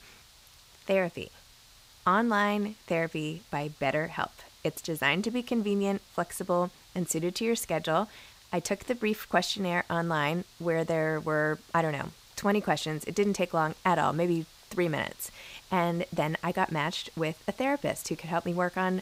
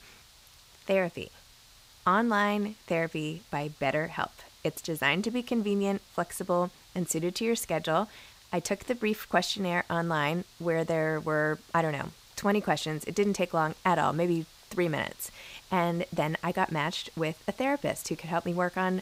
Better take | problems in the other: neither | hiss; faint; throughout; 25 dB below the speech; the same in both

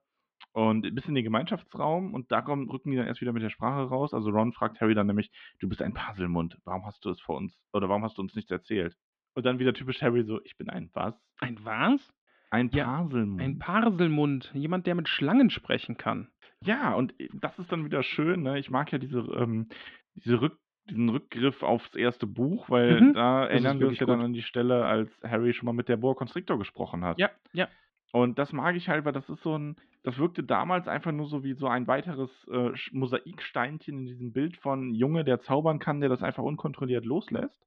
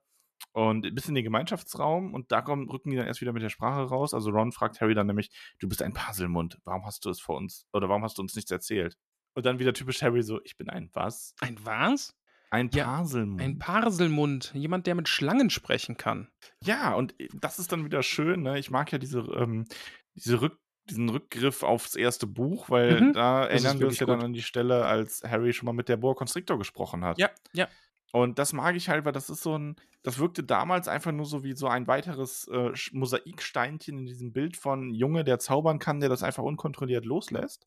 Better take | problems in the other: second | muffled; very; fading above 3.5 kHz

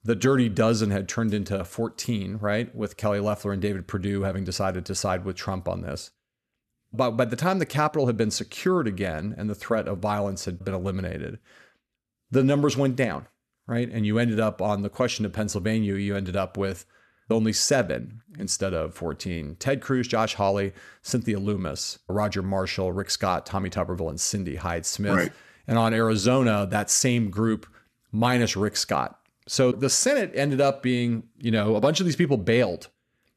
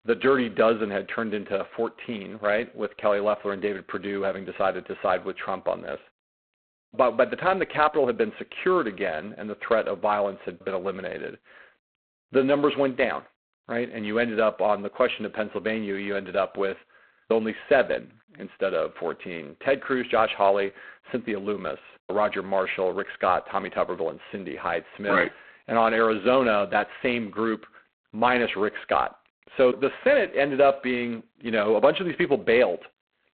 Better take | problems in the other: first | phone-call audio; poor line; nothing above 4 kHz

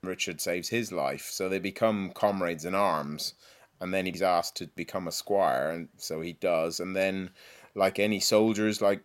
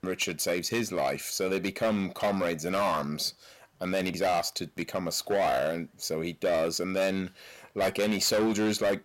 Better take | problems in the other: first | distortion; heavy; 10% of the sound clipped

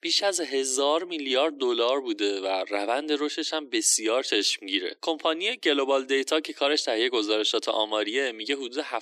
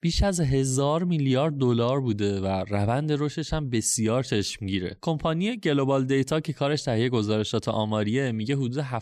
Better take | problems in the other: second | thin; somewhat; fading below 300 Hz

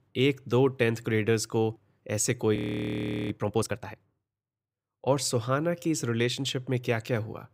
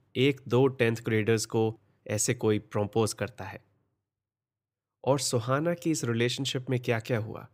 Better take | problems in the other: second | audio freezing; at 2.5 s for 0.5 s

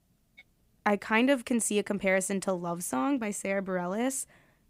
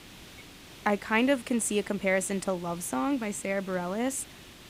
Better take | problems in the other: first | hiss; noticeable; throughout; 20 dB below the speech

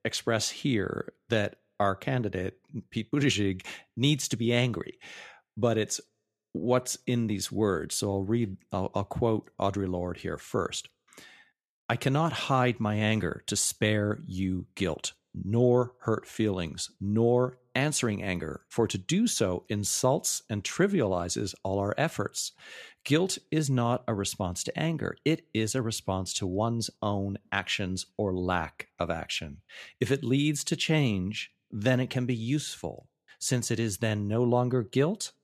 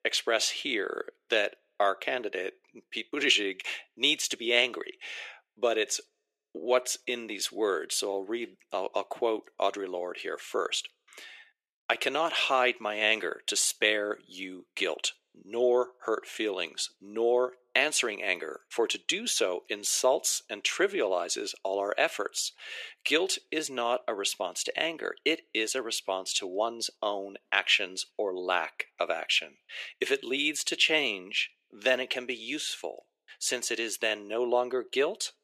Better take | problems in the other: first | thin; very; fading below 400 Hz

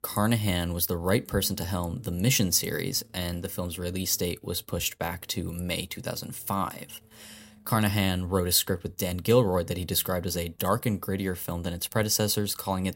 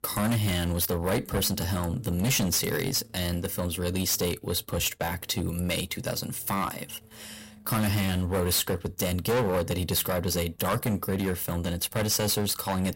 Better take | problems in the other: first | distortion; heavy; 13% of the sound clipped

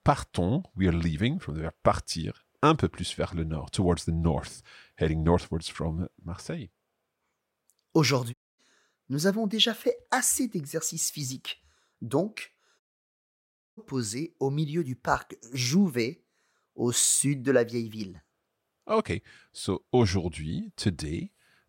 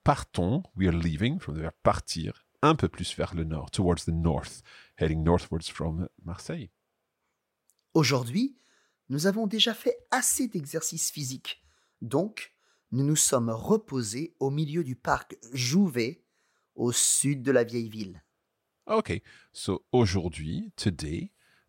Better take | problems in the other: second | audio cutting out; at 8.5 s and at 13 s for 1 s

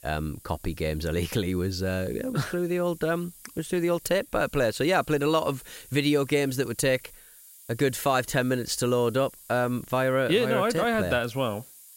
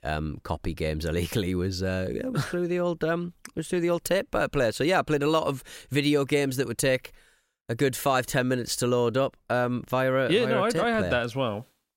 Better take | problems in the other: second | hiss; faint; throughout; 20 dB below the speech

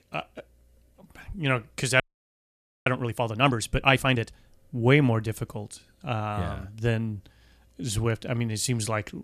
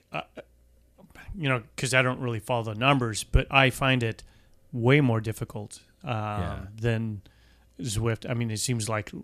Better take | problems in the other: second | audio freezing; at 2 s for 1 s

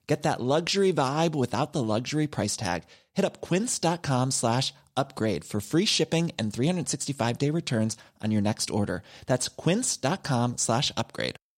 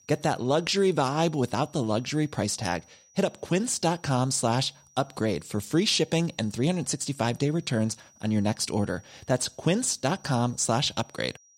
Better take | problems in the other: first | high-pitched whine; faint; throughout; 6 kHz, 30 dB below the speech

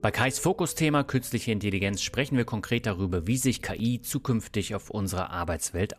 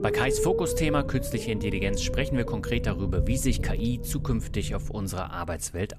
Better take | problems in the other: first | low rumble; loud; throughout; 2 dB below the speech; faint in the first

